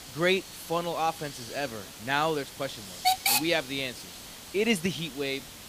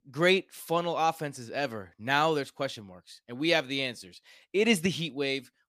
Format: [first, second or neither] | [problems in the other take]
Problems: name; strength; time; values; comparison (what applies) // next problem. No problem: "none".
second | hiss; loud; throughout; 4 dB below the speech